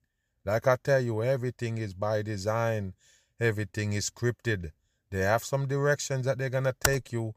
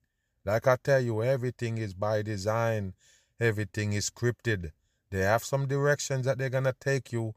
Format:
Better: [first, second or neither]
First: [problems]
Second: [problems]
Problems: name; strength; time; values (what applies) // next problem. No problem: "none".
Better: second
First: keyboard typing; very faint; at 7 s; peak level with the speech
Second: none